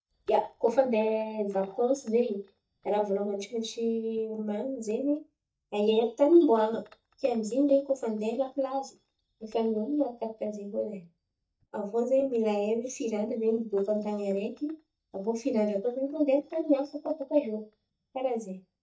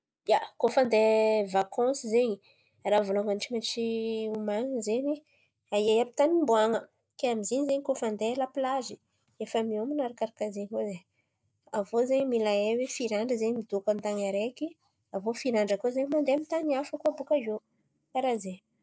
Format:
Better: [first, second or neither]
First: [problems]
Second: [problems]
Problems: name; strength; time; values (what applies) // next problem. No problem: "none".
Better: second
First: noise reduction (neural mask model DeepFilterNet 3)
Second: none